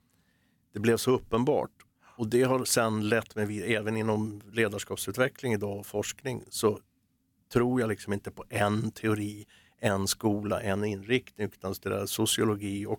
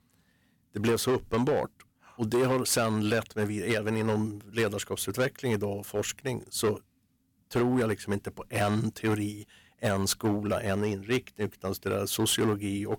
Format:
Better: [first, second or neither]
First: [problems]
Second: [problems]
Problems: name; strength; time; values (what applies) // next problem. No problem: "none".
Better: first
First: none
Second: distortion; slight; 6% of the sound clipped